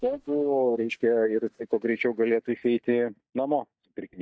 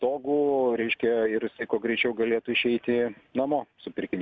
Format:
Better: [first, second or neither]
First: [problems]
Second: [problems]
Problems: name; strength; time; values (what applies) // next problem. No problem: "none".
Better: second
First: noise reduction (neural mask model DeepFilterNet 3)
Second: none